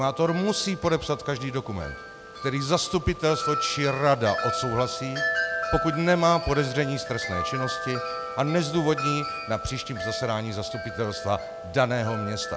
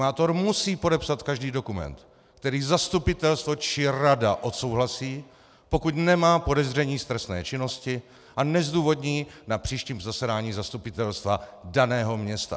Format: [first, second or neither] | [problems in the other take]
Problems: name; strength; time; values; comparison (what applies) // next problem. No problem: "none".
second | background sound (Wind chime); 6 dB below the speech